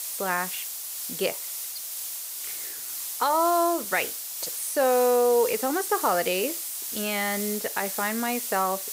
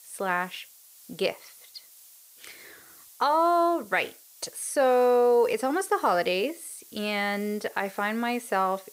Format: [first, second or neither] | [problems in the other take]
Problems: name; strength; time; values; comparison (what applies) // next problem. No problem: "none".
second | hiss; loud; throughout; 5 dB below the speech; faint in the second